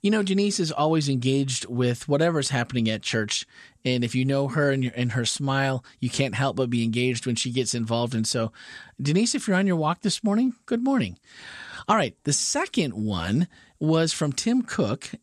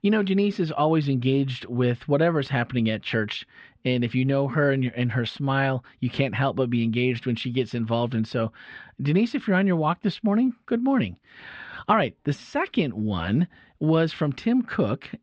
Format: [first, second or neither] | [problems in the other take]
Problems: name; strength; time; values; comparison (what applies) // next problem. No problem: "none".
first | muffled; very; fading above 3 kHz